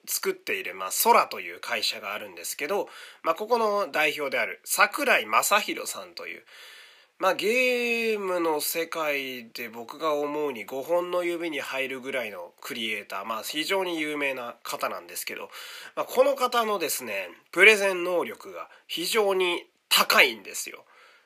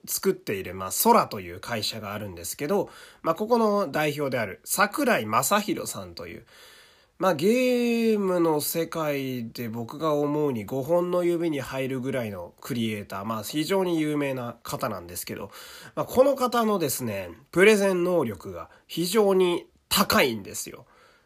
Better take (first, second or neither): second